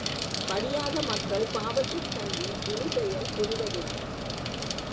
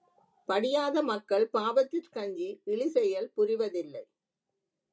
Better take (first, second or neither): second